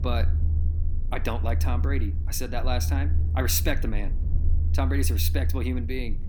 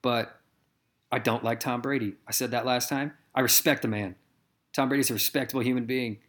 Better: second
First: low rumble; noticeable; throughout; 10 dB below the speech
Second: none

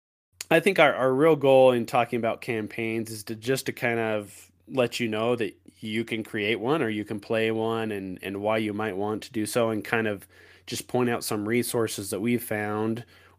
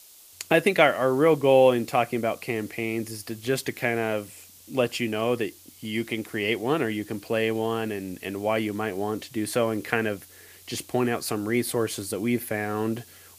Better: first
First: none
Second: hiss; faint; throughout; 20 dB below the speech

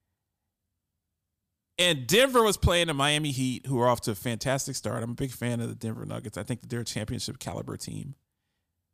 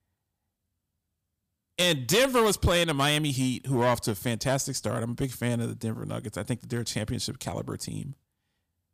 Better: first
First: none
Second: distortion; slight; 3% of the sound clipped

